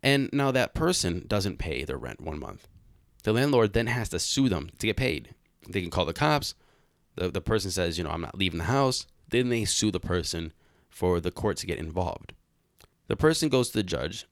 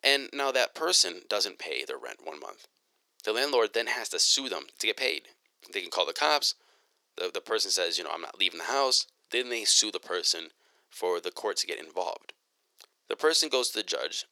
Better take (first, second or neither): first